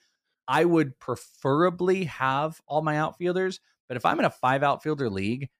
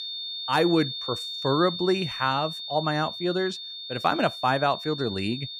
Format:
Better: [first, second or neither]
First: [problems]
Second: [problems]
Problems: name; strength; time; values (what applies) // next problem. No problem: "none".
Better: first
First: none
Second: high-pitched whine; loud; throughout; 3.5 kHz, 7 dB below the speech